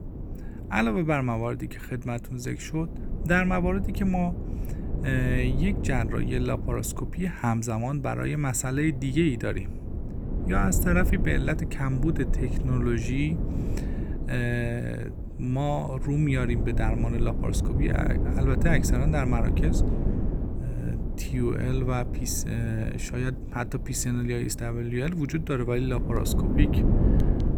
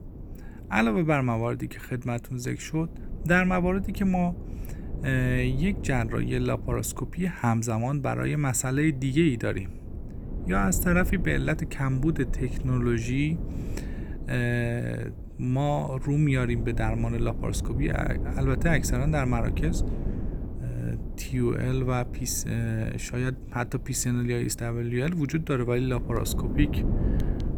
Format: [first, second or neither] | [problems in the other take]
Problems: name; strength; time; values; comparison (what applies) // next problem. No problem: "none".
second | wind noise on the microphone; heavy; 8 dB below the speech; occasional gusts in the second